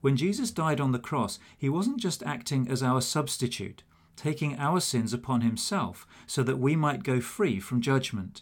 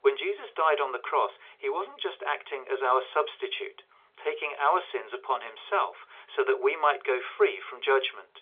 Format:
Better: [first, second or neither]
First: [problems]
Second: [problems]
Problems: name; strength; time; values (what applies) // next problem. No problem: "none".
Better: first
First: none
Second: phone-call audio; nothing above 3.5 kHz